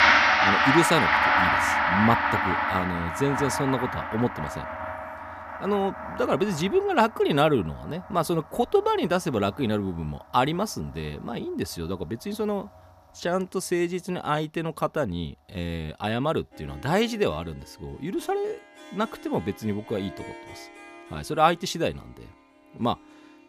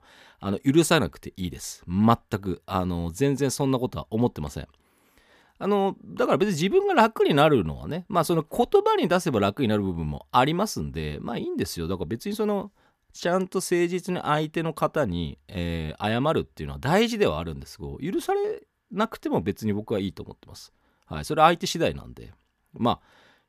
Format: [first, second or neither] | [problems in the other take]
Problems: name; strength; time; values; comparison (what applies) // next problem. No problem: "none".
second | background music; very loud; throughout; 3 dB above the speech